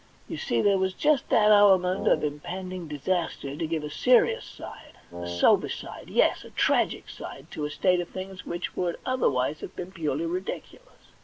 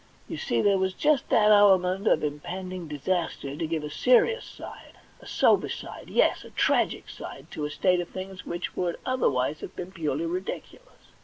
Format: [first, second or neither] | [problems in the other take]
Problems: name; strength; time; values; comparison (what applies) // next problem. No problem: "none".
second | background sound (Wind instrument, woodwind instrument); 11 dB below the speech